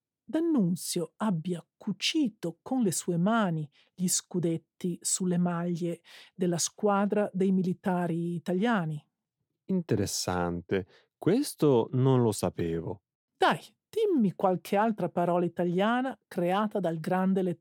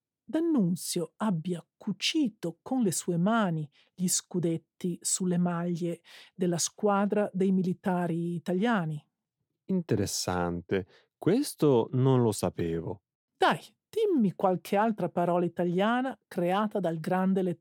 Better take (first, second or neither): neither